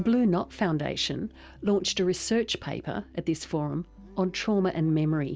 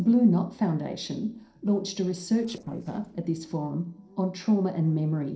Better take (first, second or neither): first